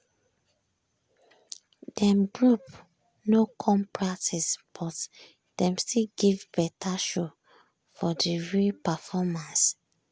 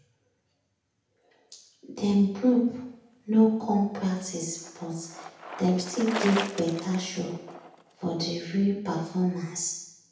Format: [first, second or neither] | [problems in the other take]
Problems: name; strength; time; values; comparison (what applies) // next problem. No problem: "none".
first | background sound (Bicycle); 14 dB below the speech // room echo; dies away in 0.8 s